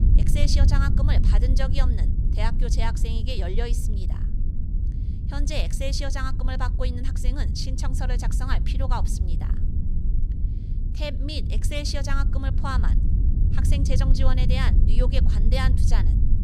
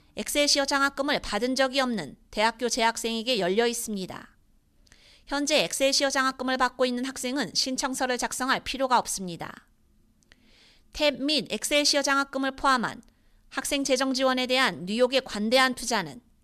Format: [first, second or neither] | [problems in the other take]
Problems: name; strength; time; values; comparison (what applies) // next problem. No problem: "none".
second | low rumble; loud; throughout; 8 dB below the speech